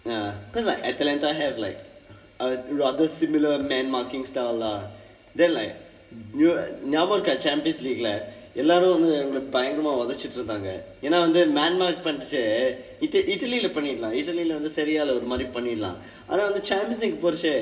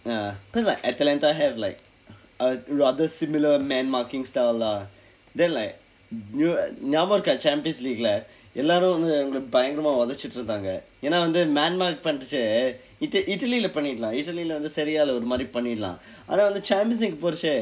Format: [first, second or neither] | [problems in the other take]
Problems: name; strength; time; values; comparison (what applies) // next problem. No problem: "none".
second | room echo; dies away in 2.2 s